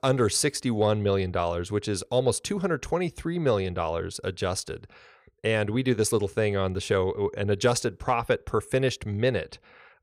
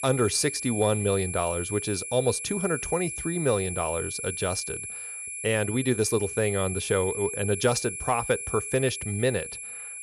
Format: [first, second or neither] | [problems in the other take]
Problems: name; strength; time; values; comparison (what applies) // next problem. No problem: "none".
first | high-pitched whine; loud; throughout; 11 kHz, 5 dB below the speech